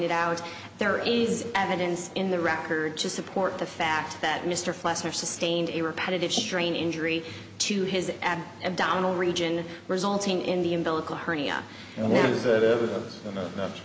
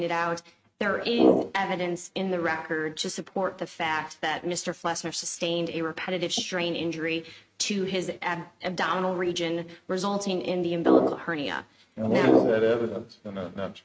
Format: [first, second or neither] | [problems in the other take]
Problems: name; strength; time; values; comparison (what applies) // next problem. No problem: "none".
first | noise reduction (neural mask model RNNoise)